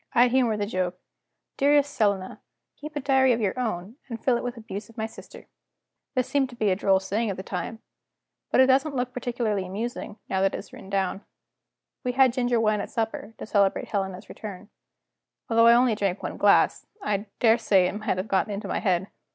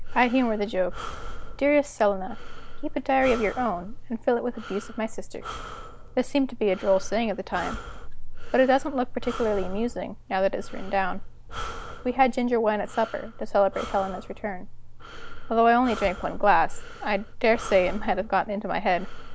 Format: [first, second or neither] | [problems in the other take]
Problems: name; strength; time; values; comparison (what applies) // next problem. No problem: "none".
first | background sound (Breathing); 8 dB below the speech